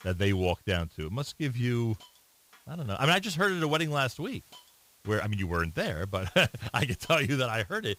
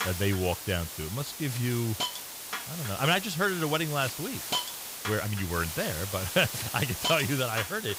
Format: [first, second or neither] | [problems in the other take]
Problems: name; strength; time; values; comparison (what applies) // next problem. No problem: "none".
first | hiss; loud; throughout; 5 dB below the speech; faint in the first